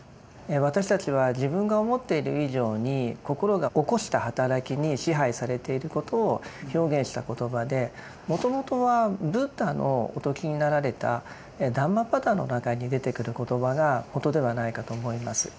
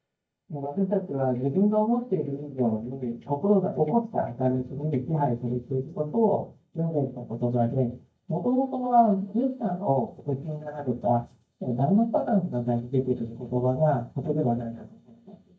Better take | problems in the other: first | noise reduction (neural mask model DeepFilterNet 3)

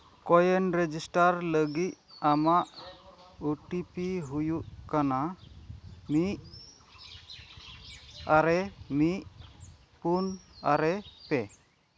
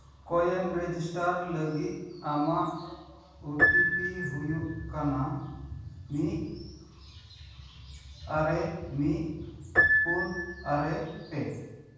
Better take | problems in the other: first | background sound (Piano); 1 dB below the speech // room echo; dies away in 1.2 s

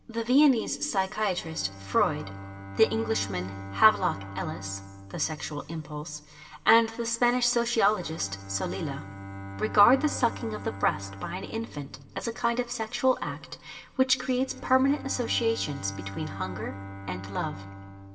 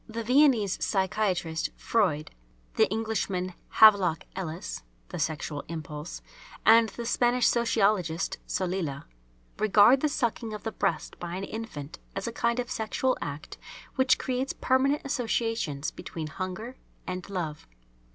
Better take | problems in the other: second | background sound (Bowed string instrument); 13 dB below the speech // room echo; dies away in 1.3 s

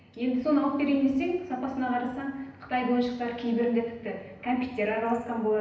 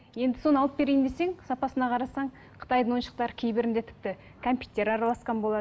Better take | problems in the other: second | room echo; dies away in 0.9 s

